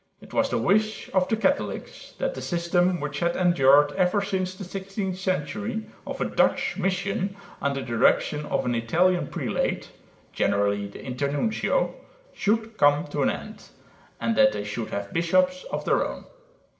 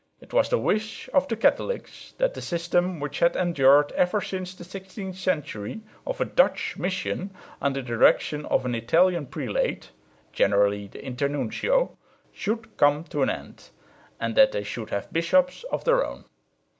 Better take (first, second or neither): second